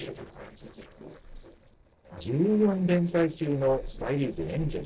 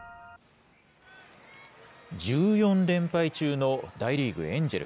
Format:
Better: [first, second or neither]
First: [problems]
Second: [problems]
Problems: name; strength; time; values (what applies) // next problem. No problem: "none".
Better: second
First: noise reduction (neural separator model SepFormer DNS4)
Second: none